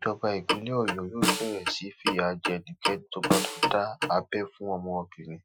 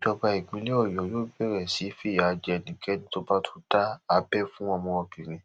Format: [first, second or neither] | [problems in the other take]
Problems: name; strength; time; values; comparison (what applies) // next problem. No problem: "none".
second | noise reduction (classical method Wiener filter)